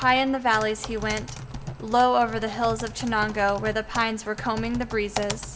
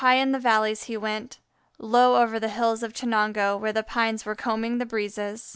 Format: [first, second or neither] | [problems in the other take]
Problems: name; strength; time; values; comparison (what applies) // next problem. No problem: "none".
second | background sound (Typing); 11 dB below the speech // room echo; dies away in 0.7 s